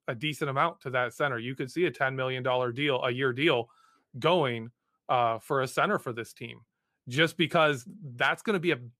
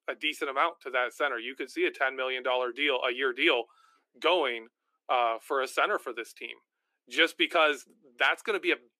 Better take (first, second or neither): first